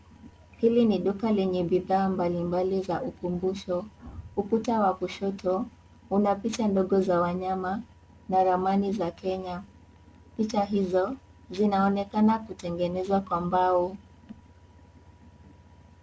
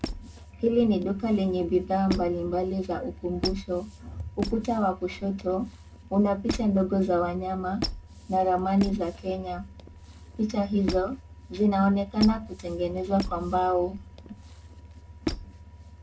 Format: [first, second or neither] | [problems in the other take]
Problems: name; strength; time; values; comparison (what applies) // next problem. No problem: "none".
first | background sound (Squeak); 12 dB below the speech // room echo; dies away in 0.2 s